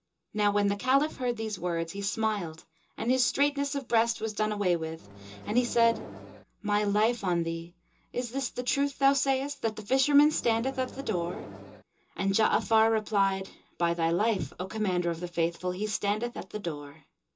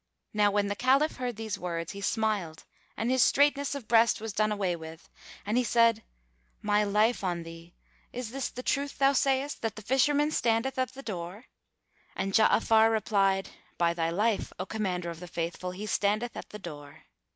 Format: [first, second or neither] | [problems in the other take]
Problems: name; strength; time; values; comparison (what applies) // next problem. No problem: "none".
second | background sound (Microwave oven); 13 dB below the speech // room echo; dies away in 0.2 s